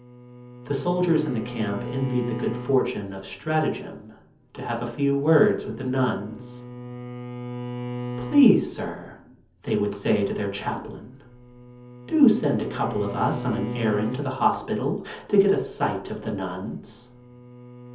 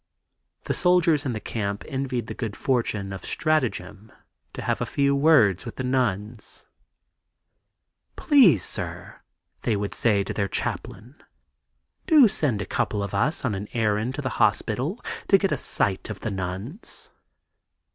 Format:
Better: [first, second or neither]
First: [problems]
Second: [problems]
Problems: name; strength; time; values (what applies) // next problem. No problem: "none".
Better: second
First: background sound (Bowed string instrument); 12 dB below the speech // room echo; dies away in 0.7 s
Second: none